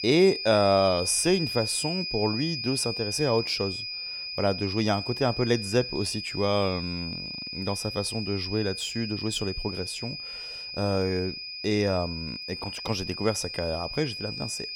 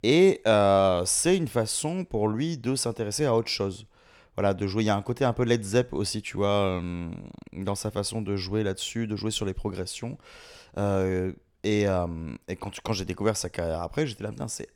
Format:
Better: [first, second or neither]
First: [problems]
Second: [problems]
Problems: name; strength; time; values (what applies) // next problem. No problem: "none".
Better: second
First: high-pitched whine; loud; throughout; 5 kHz, 5 dB below the speech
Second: none